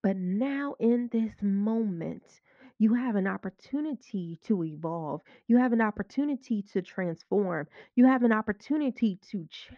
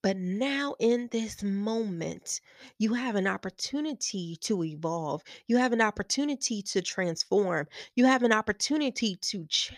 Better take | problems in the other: second | muffled; very; fading above 1.5 kHz

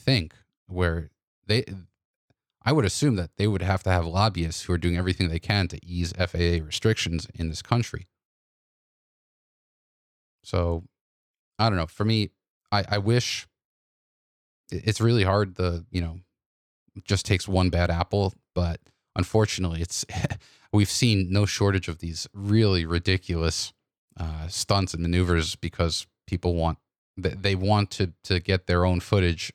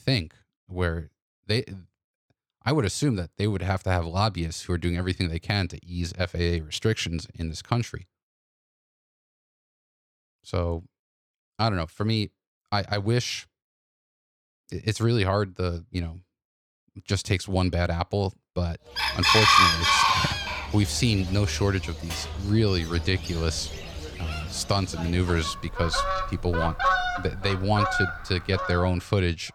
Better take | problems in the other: first | animal sounds; very loud; from 19 s on; 1 dB above the speech

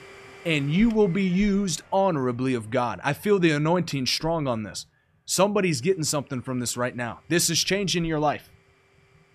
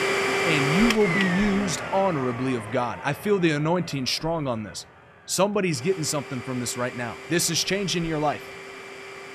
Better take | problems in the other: first | household noises; loud; throughout; 4 dB below the speech; faint in the first

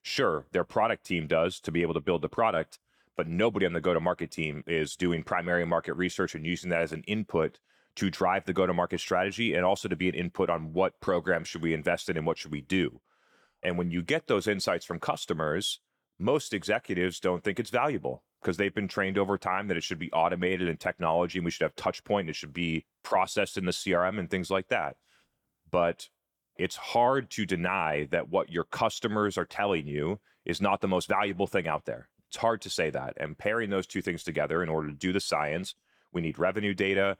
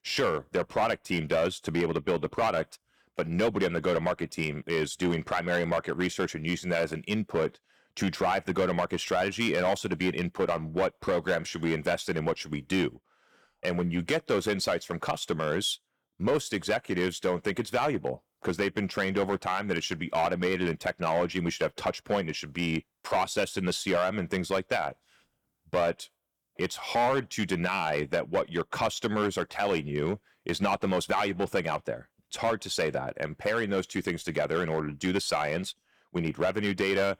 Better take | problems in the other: first | distortion; slight; 5% of the sound clipped

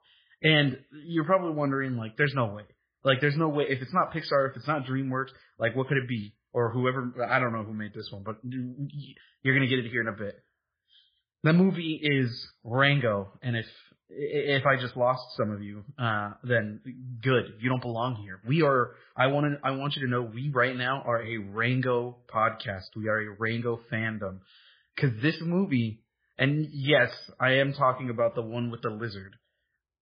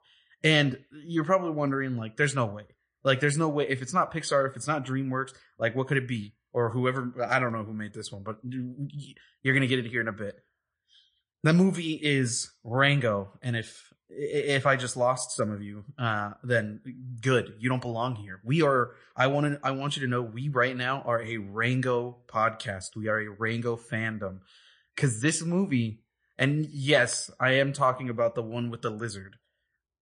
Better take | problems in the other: second | garbled, watery; badly; nothing above 5 kHz; slightly in the second

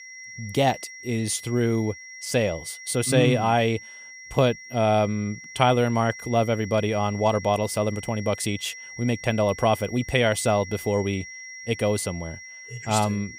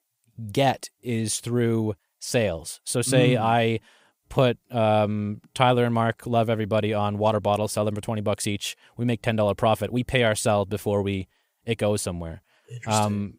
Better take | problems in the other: second | high-pitched whine; noticeable; throughout; 2 kHz, 15 dB below the speech

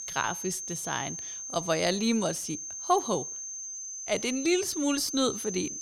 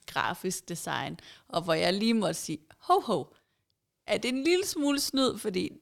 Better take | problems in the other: second | high-pitched whine; loud; throughout; 6.5 kHz, 6 dB below the speech

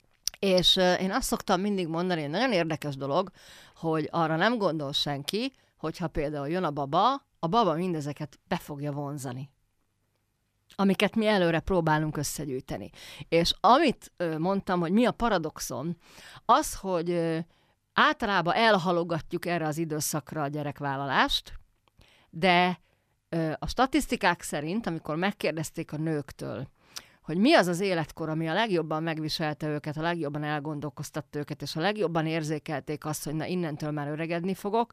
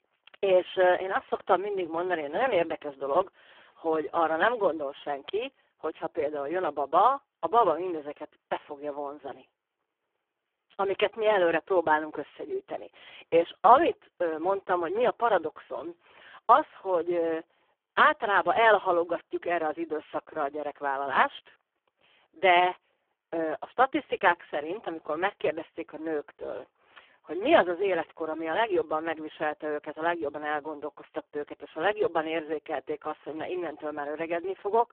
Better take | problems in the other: first | phone-call audio; poor line

